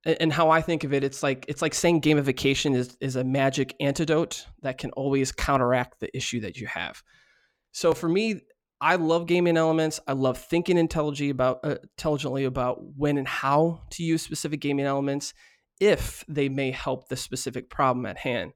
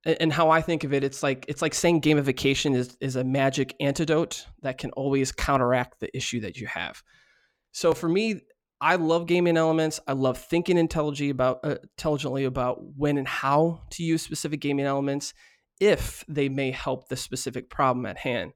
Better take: neither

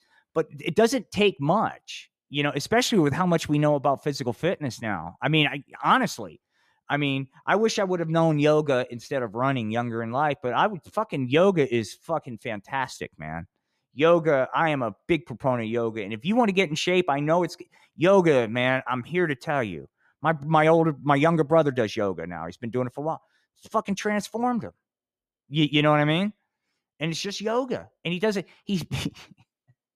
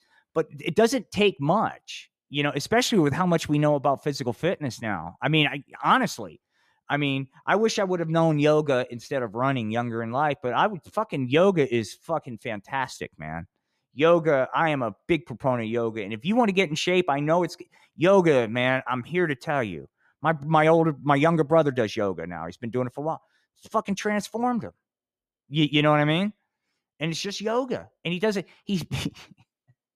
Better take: neither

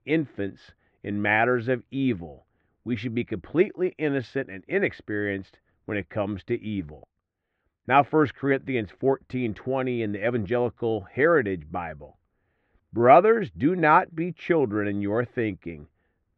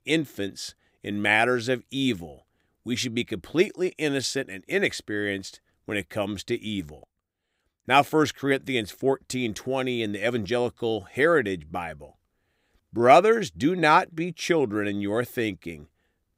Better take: second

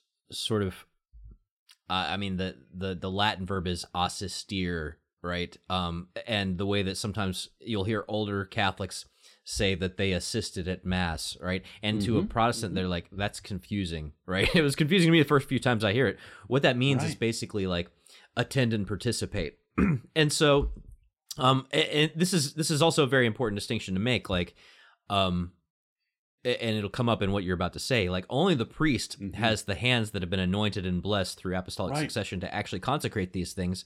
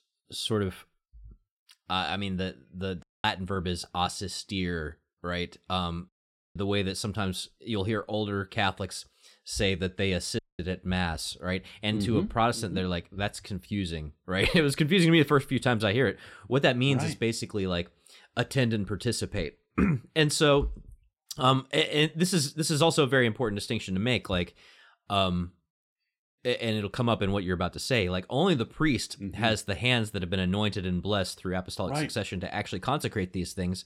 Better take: first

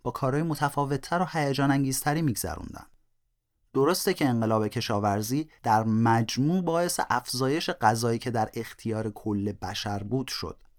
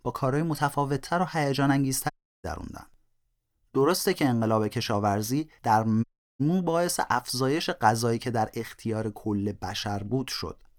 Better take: first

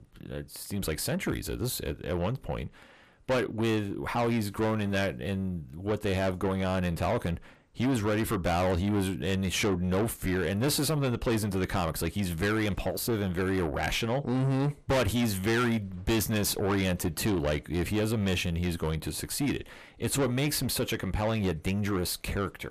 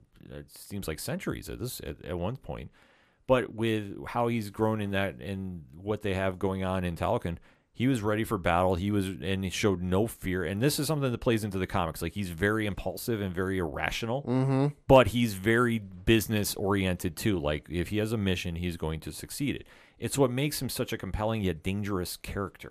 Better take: second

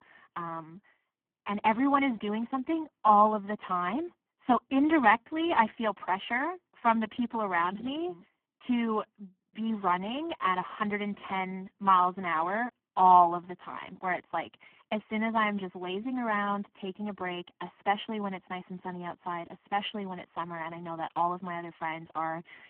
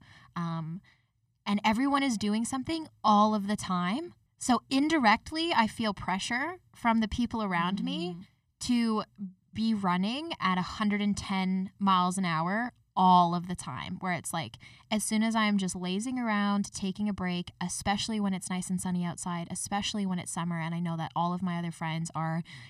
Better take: second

